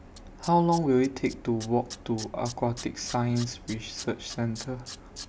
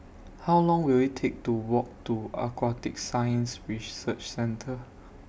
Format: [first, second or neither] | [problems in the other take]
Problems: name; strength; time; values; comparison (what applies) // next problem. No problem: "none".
second | background sound (Tools); 17 dB below the speech